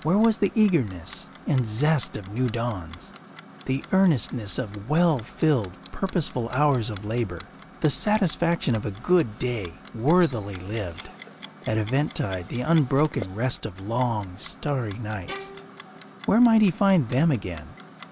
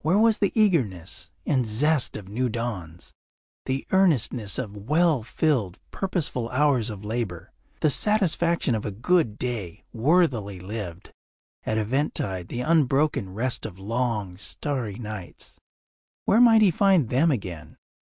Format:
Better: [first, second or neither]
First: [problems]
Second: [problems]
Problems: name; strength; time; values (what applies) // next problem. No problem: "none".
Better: second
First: background sound (Bowed string instrument + Clock); 19 dB below the speech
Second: none